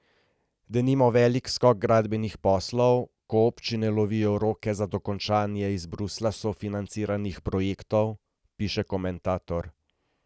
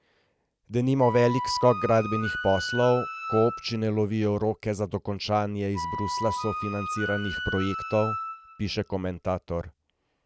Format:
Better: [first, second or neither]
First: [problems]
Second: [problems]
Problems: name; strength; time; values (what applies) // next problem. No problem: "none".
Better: first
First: none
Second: background sound (Wind instrument, woodwind instrument); 8 dB below the speech